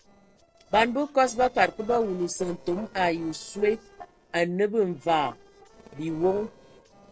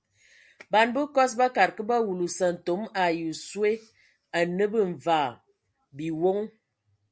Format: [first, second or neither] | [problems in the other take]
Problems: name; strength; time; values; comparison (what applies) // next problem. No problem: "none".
second | noise reduction (neural separator model SepFormer DNS4)